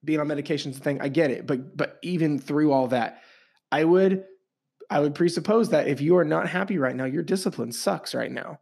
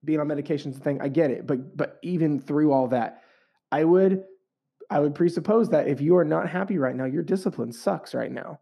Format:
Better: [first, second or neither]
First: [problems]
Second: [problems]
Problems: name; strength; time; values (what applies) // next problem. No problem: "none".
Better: first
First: none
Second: muffled; slightly; fading above 1.5 kHz